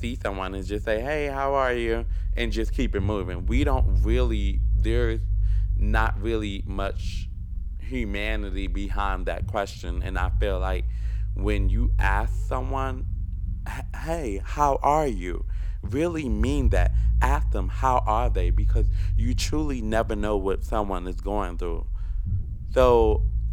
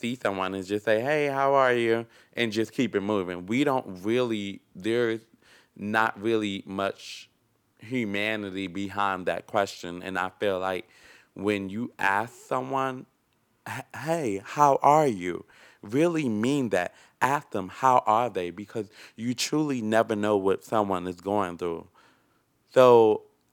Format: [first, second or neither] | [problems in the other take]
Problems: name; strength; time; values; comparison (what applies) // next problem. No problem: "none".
second | low rumble; faint; throughout; 20 dB below the speech